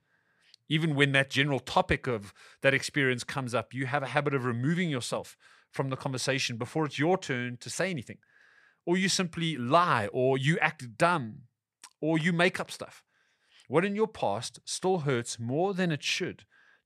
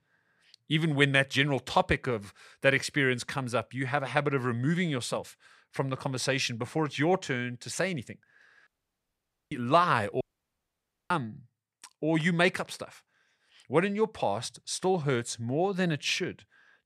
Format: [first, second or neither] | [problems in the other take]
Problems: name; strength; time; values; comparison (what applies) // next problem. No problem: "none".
first | audio cutting out; at 8.5 s for 1 s and at 10 s for 1 s